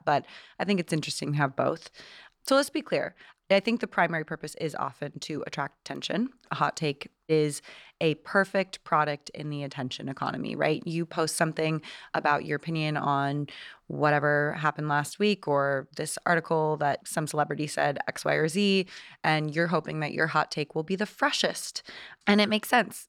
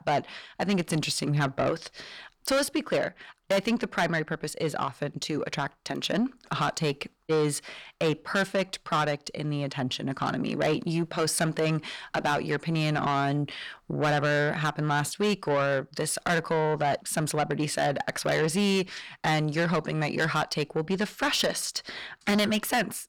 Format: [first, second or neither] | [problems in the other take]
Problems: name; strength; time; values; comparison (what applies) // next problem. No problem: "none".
first | distortion; heavy; 7 dB below the speech